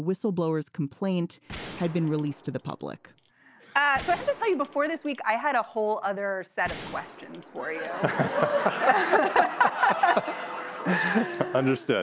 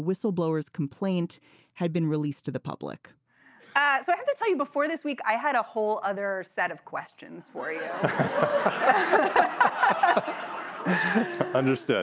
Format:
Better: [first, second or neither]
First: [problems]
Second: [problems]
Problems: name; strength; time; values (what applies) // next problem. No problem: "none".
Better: second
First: background sound (Wind instrument, woodwind instrument + Gunshot, gunfire); 18 dB below the speech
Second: none